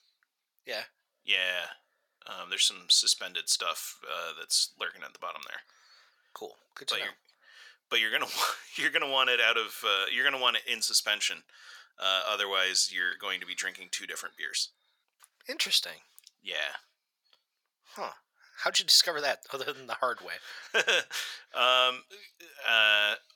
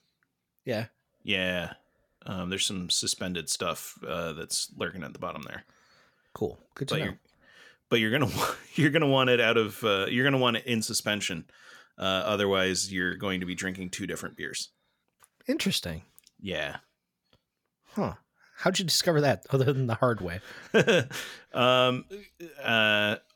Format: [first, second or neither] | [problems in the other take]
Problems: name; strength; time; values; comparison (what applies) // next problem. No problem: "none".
second | thin; very; fading below 850 Hz